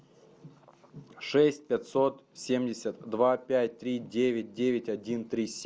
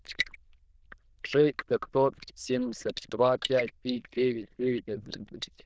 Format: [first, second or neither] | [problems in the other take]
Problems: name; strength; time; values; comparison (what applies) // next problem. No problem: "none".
first | noise reduction (neural diffusion model UNIVERSE++)